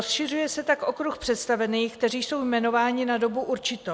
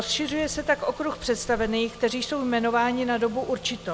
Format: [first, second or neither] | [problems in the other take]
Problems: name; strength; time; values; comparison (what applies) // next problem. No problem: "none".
first | background sound (Zipper (clothing) + Engine / Car); 17 dB below the speech